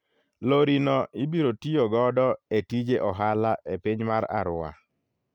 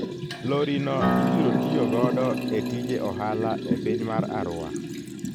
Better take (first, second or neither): first